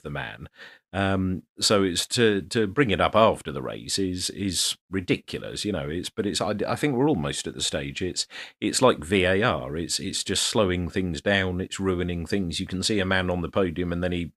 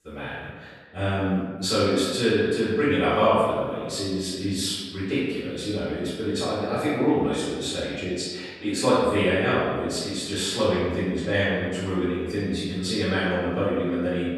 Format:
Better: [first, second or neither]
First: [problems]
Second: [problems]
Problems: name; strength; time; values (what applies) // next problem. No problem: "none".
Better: first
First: none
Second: off-mic speech; far // room echo; strong; dies away in 1.3 s